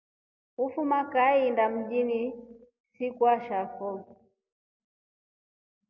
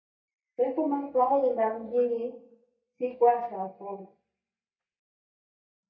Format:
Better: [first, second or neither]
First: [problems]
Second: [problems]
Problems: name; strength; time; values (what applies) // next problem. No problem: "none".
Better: first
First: none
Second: noise reduction (neural mask model DeepFilterNet 3)